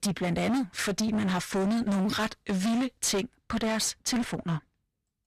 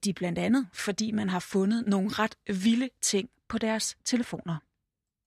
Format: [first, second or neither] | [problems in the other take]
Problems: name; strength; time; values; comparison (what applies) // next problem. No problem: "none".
second | distortion; heavy; 25% of the sound clipped